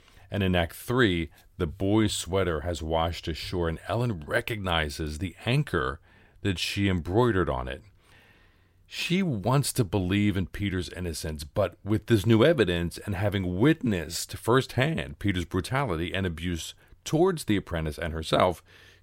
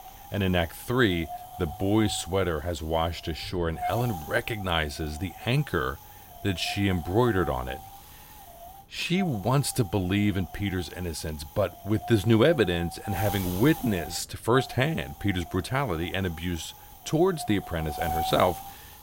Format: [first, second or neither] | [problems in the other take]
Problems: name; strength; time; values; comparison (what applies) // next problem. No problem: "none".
first | wind noise on the microphone; heavy; 10 dB below the speech